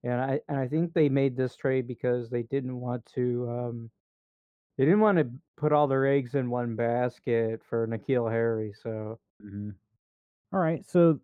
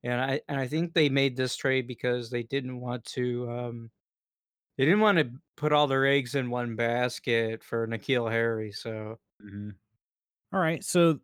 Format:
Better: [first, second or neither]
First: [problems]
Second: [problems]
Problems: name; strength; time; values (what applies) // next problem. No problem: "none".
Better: second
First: muffled; very; fading above 2 kHz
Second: none